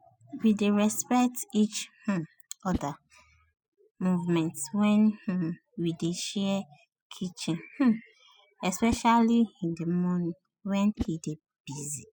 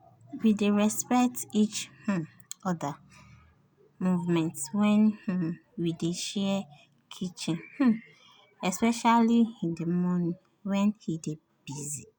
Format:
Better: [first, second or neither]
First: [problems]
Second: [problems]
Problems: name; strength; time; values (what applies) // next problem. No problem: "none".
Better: second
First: noise reduction (classical method spectral subtraction)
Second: none